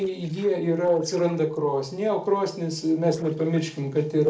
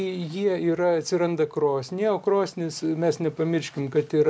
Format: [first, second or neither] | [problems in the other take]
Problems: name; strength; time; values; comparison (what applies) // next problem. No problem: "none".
second | noise reduction (neural separator model SepFormer DNS4)